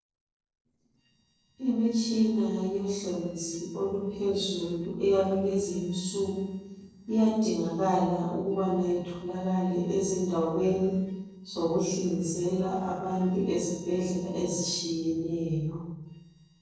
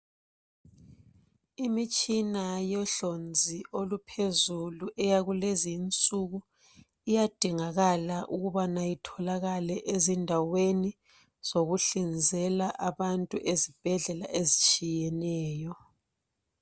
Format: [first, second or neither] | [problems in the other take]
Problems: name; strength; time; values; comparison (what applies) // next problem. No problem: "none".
second | noise reduction (neural separator model SepFormer DNS4)